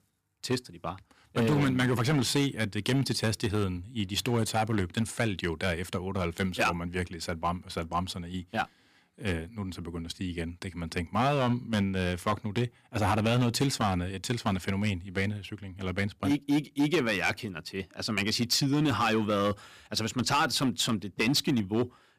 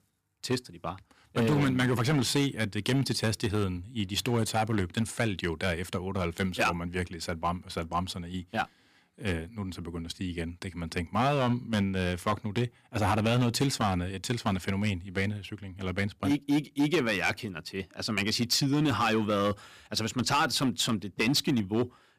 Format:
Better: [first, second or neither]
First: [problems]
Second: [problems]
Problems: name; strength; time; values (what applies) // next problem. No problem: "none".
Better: neither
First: distortion; slight; 5% of the sound clipped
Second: distortion; slight; 5% of the sound clipped